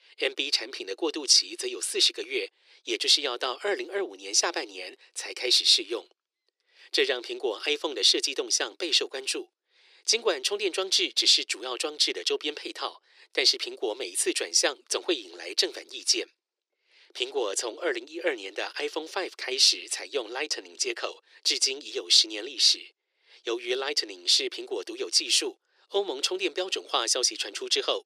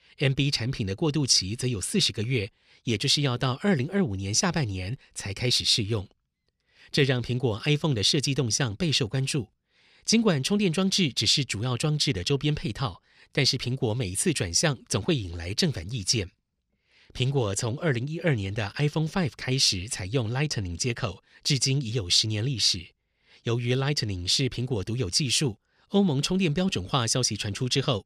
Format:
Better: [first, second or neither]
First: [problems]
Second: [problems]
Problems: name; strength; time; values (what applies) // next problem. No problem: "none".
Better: second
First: thin; very; fading below 350 Hz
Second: none